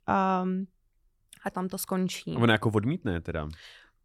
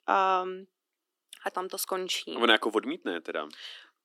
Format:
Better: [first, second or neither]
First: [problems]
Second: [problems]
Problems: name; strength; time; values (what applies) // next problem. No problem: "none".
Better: first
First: none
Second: thin; somewhat; fading below 300 Hz